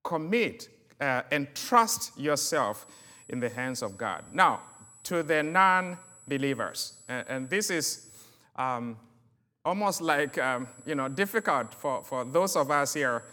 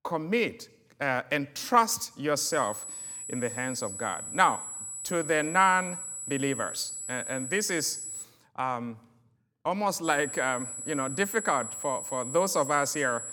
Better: first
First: high-pitched whine; faint; from 2.5 to 8 s and from 10 s on; 8 kHz, 25 dB below the speech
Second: high-pitched whine; loud; from 2.5 to 8 s and from 10 s on; 8 kHz, 7 dB below the speech

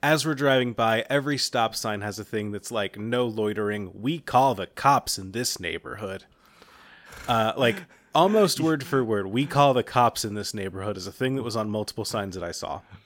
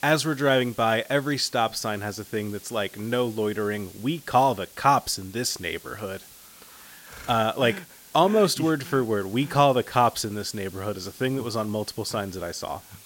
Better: first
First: none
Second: hiss; faint; throughout; 20 dB below the speech

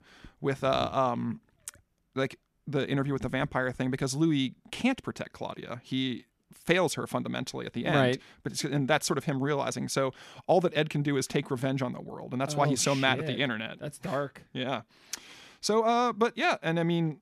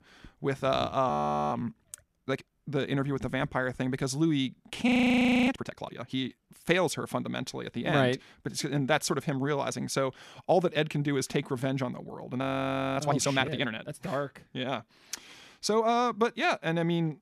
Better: first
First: none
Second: audio freezing; at 1 s, at 5 s for 0.5 s and at 12 s for 0.5 s

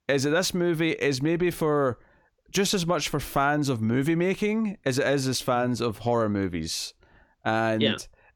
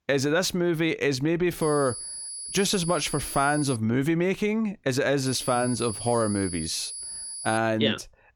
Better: first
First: none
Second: high-pitched whine; loud; from 1.5 to 4 s and from 5.5 to 7.5 s; 10 kHz, 8 dB below the speech

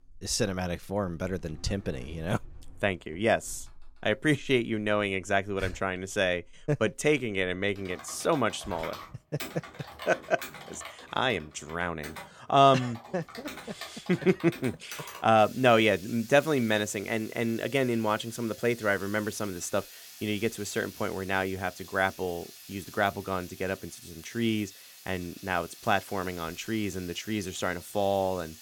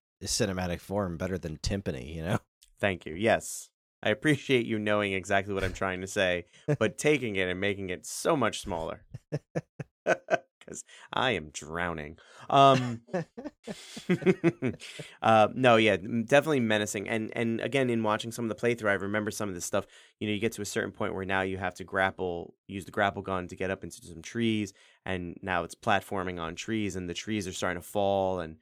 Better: second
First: household noises; noticeable; throughout; 15 dB below the speech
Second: none

